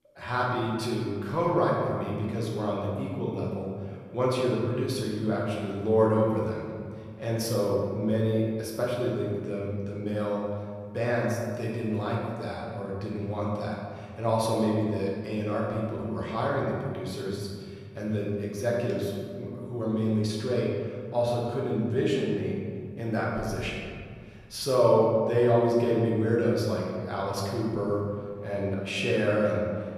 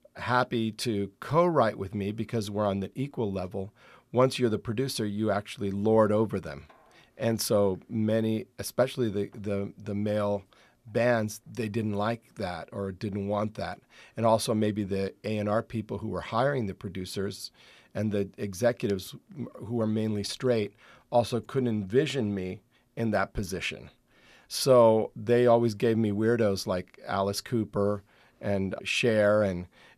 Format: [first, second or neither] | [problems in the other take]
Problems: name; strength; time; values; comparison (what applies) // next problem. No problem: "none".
second | room echo; noticeable; dies away in 1.9 s // off-mic speech; far